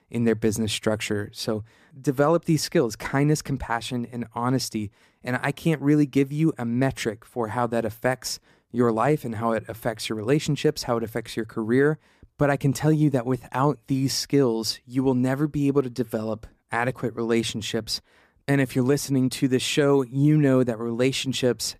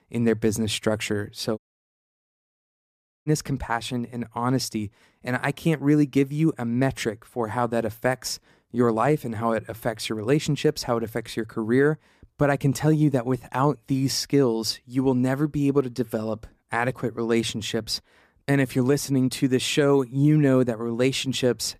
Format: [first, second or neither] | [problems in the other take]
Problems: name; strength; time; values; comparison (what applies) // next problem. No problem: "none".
first | audio cutting out; at 1.5 s for 1.5 s